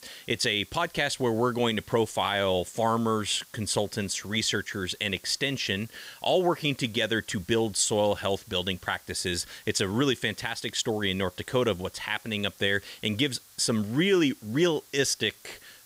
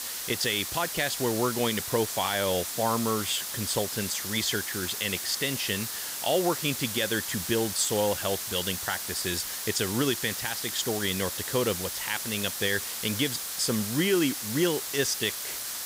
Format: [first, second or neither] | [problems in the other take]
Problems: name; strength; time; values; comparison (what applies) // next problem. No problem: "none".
first | hiss; loud; throughout; 3 dB below the speech; faint in the first